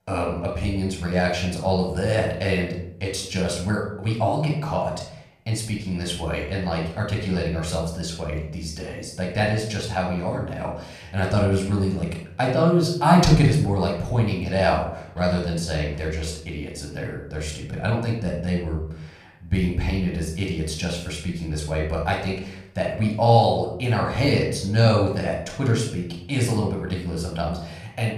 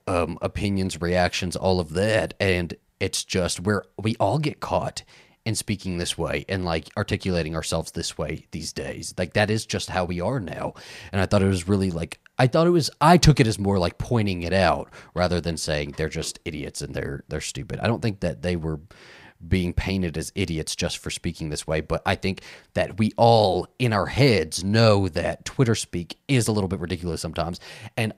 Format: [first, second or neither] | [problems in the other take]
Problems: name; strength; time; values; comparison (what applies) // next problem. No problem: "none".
second | off-mic speech; somewhat distant // room echo; noticeable; dies away in 0.6 s